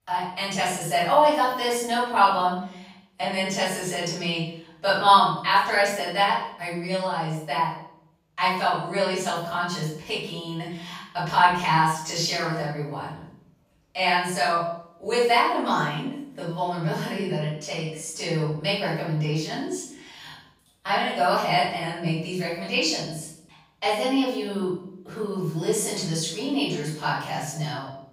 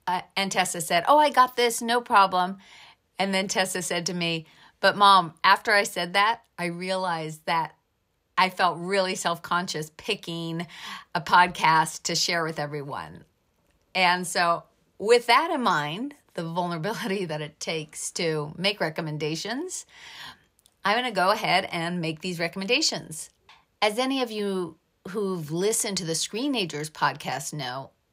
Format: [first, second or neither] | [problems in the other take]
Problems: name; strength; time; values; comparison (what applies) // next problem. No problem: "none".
second | off-mic speech; far // room echo; noticeable; dies away in 0.6 s